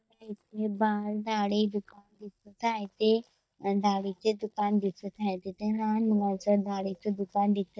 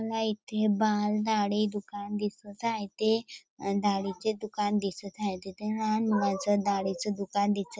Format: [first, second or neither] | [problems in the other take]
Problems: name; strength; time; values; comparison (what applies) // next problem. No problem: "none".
second | noise reduction (neural mask model DeepFilterNet 3)